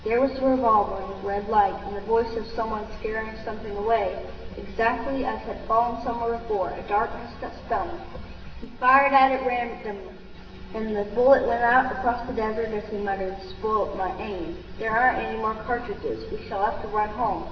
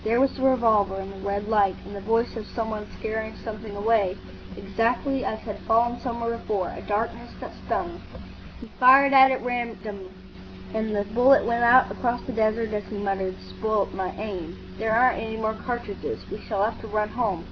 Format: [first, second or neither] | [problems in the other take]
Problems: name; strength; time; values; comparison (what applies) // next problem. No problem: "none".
second | room echo; dies away in 1.4 s